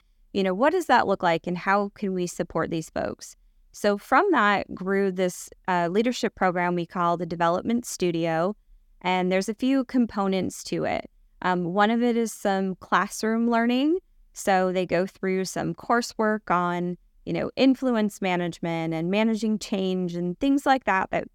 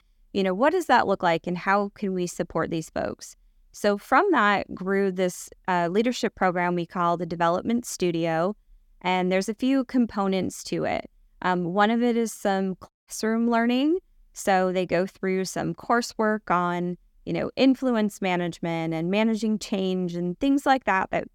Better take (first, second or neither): first